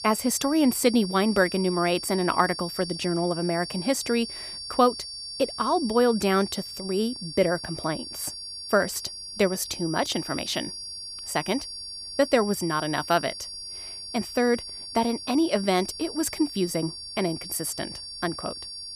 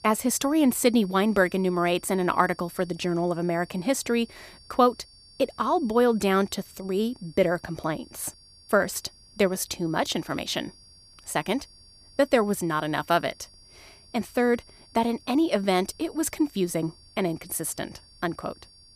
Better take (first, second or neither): second